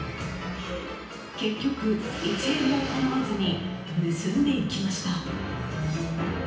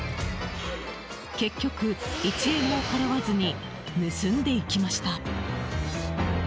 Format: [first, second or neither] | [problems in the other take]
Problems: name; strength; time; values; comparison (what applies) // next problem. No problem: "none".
second | room echo; dies away in 0.9 s